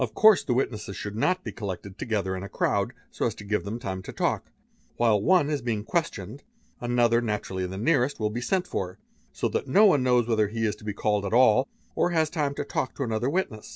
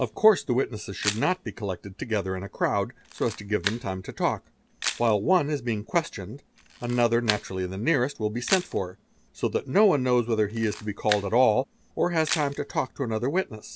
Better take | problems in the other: first | background sound (Camera); 13 dB below the speech

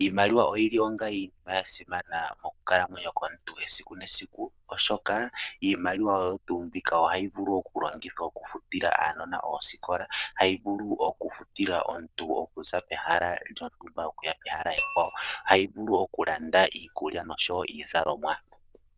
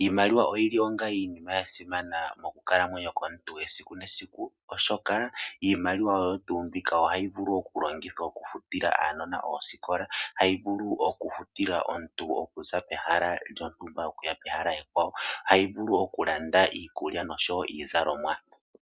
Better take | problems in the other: second | noise reduction (neural diffusion model UNIVERSE++)

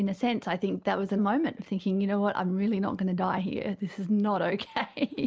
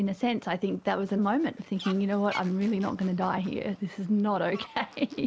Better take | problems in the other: first | background sound (Fowl); 19 dB below the speech

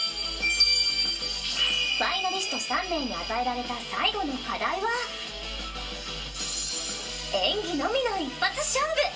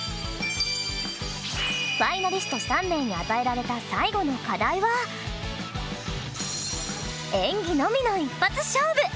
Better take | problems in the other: second | room echo; dies away in 0.2 s

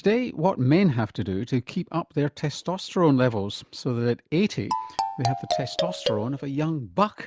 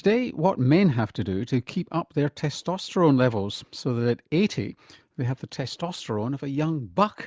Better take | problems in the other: second | background sound (Marimba, xylophone); 4 dB below the speech

